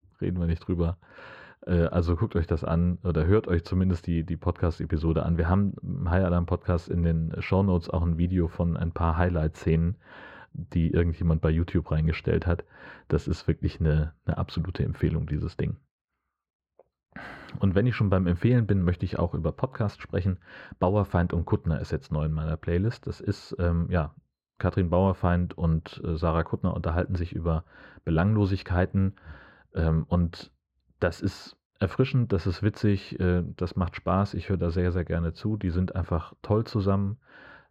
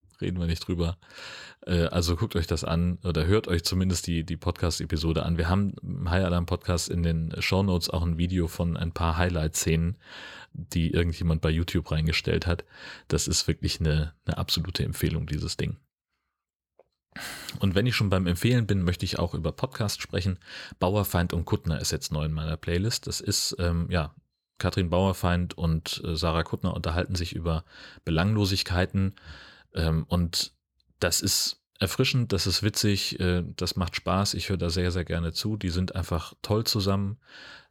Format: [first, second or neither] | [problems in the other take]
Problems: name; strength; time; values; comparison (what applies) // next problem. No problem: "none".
second | muffled; very; fading above 3.5 kHz